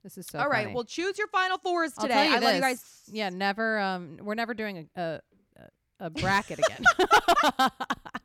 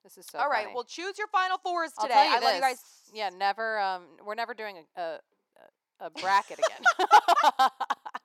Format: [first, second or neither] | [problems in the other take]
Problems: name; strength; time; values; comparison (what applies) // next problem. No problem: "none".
first | thin; very; fading below 500 Hz